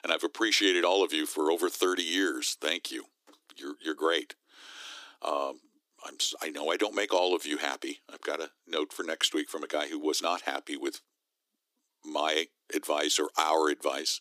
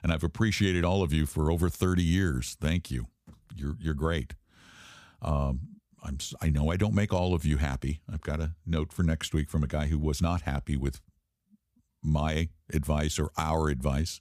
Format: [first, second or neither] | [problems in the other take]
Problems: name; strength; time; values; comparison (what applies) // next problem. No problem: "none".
second | thin; very; fading below 300 Hz